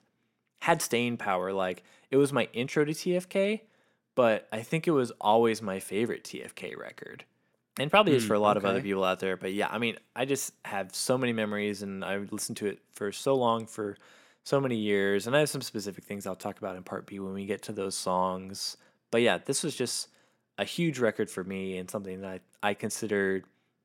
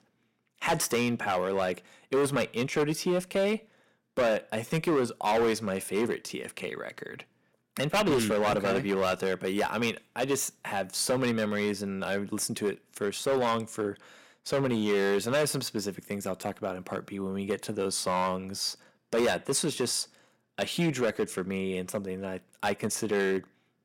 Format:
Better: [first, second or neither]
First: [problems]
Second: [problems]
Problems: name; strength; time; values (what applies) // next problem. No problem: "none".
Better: first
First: none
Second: distortion; heavy; 7% of the sound clipped